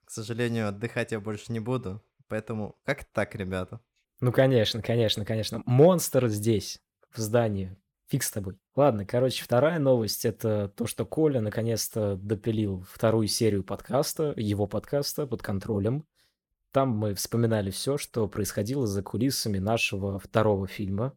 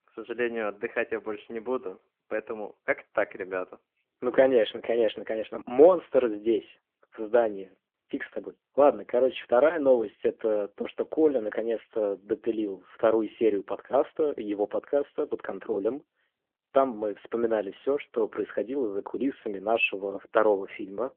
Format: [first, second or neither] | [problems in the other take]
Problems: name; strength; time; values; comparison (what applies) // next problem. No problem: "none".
first | phone-call audio